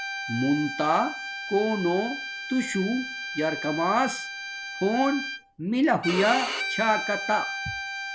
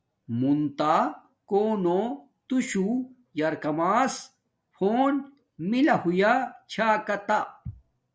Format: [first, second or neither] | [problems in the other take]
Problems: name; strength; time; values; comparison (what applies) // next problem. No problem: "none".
second | background sound (Bowed string instrument); 7 dB below the speech